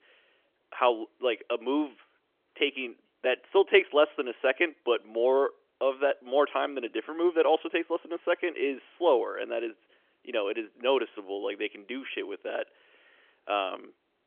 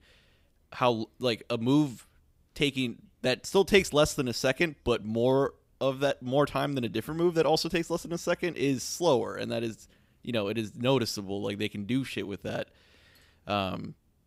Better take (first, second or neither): second